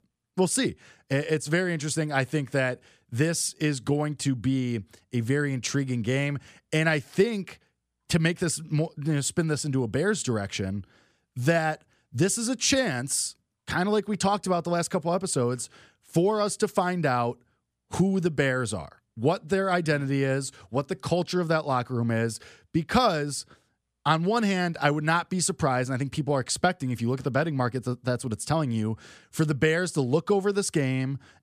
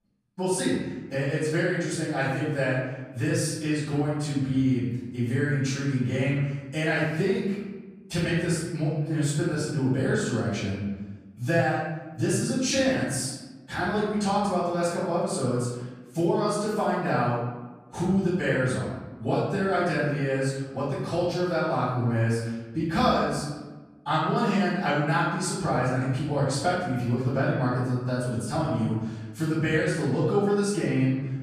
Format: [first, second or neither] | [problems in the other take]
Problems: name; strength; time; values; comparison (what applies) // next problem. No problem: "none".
first | off-mic speech; far // room echo; strong; dies away in 1.1 s